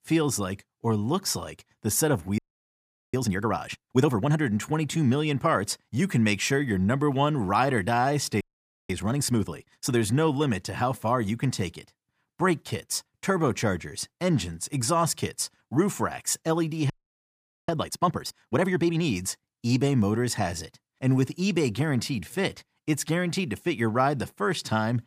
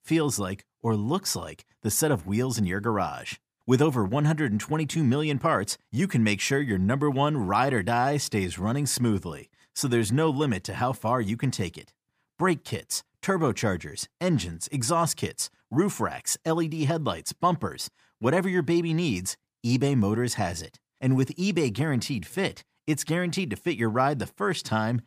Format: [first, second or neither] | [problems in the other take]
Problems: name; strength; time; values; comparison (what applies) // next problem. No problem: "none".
second | audio freezing; at 2.5 s for 1 s, at 8.5 s and at 17 s for 1 s